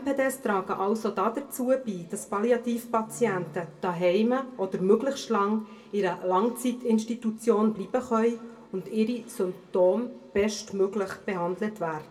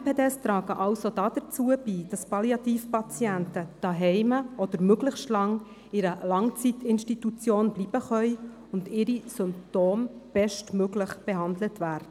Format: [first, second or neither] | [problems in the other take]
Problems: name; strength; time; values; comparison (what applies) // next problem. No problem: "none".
second | room echo; dies away in 0.2 s